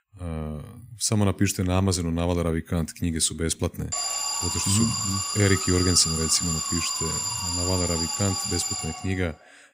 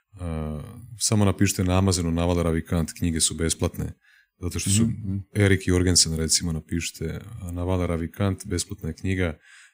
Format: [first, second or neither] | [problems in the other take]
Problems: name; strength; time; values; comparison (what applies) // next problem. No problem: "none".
second | alarm; loud; from 4 to 9 s; peak 1 dB above the speech